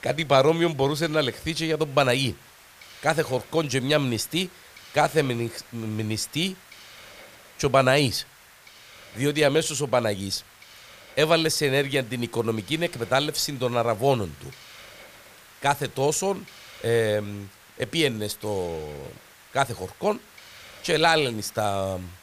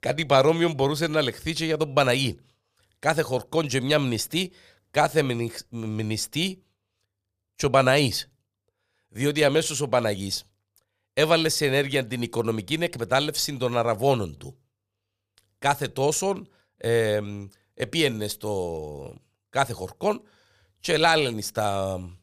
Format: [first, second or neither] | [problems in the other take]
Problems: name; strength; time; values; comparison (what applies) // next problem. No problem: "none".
second | hiss; faint; throughout; 20 dB below the speech